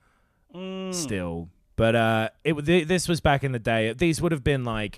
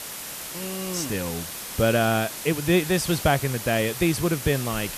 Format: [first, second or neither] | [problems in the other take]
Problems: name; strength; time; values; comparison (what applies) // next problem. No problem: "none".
first | hiss; loud; throughout; 8 dB below the speech